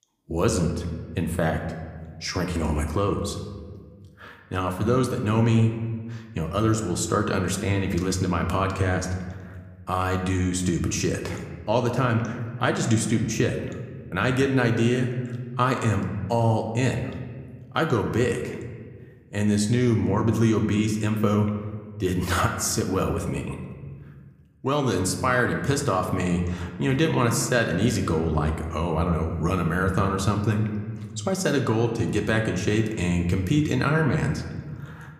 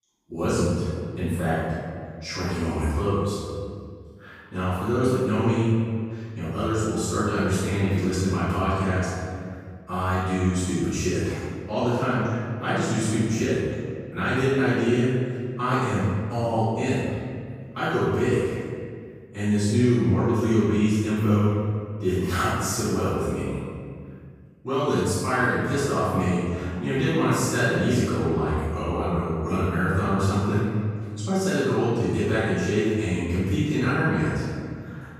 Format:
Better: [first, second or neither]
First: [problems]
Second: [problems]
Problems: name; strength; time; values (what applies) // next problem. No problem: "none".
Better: first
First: room echo; slight; dies away in 1.2 s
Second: room echo; strong; dies away in 1.9 s // off-mic speech; far